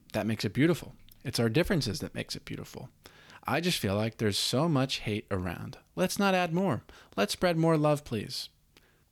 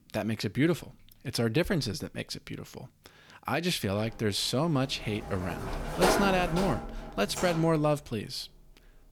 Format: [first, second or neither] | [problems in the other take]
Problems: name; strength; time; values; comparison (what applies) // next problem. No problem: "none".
first | door banging; loud; from 4 to 7.5 s; peak 4 dB above the speech